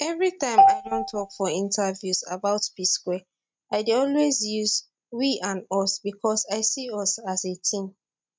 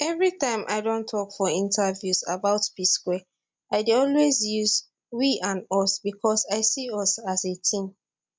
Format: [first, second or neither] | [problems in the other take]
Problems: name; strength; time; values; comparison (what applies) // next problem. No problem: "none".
second | noise reduction (neural mask model RNNoise)